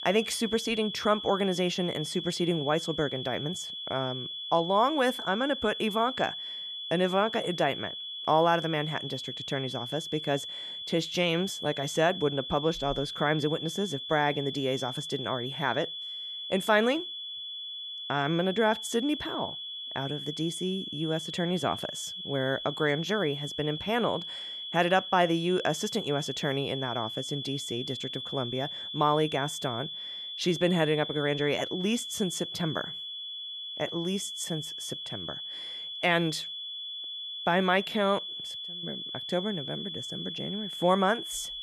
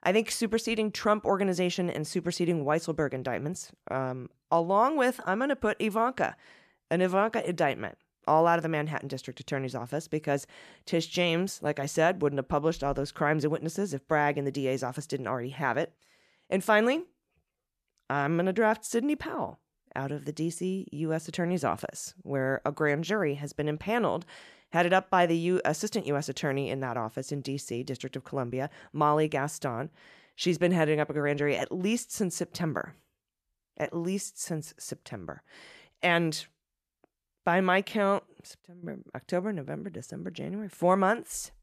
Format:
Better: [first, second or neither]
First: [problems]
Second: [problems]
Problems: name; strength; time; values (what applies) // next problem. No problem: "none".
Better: second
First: high-pitched whine; loud; throughout; 3.5 kHz, 6 dB below the speech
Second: none